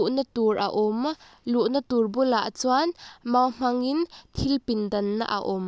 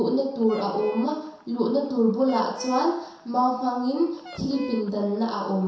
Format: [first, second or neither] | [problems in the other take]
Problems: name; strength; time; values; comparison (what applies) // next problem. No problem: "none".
first | background sound (Fowl); 17 dB below the speech // room echo; dies away in 0.7 s